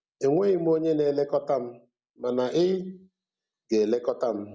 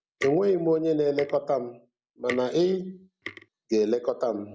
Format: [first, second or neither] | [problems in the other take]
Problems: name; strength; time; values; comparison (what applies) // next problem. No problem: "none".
first | background sound (Tick); 17 dB below the speech